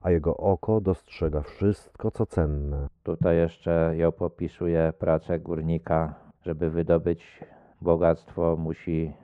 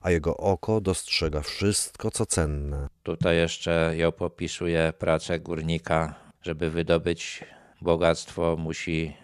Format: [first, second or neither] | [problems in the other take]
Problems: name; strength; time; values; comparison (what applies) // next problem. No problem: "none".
second | muffled; very; fading above 2.5 kHz